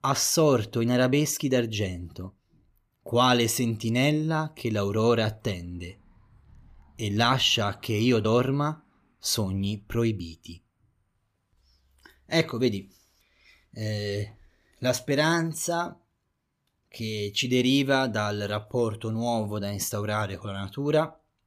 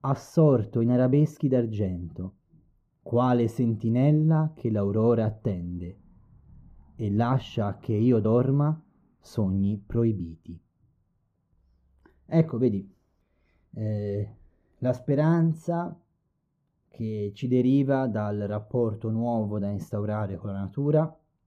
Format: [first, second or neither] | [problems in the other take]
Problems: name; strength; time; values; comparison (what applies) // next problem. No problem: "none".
first | muffled; very; fading above 1.5 kHz